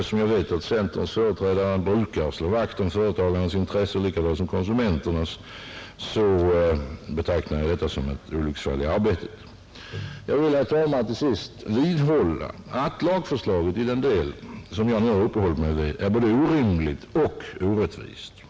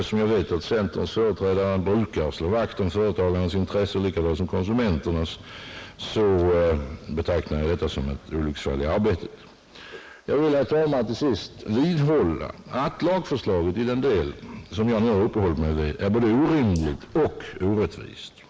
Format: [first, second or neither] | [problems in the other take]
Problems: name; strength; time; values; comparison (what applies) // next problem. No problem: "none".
first | noise reduction (neural mask model Resemble Enhance denoiser)